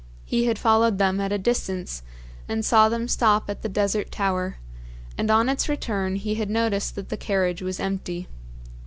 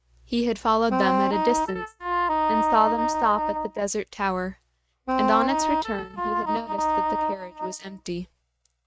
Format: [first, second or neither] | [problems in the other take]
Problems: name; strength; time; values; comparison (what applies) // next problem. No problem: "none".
first | noise reduction (neural mask model RNNoise)